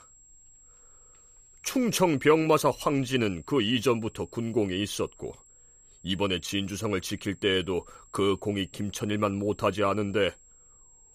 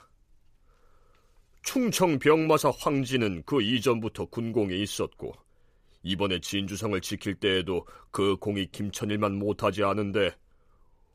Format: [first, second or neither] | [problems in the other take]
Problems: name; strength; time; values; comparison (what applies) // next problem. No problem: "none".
second | high-pitched whine; faint; throughout; 7.5 kHz, 25 dB below the speech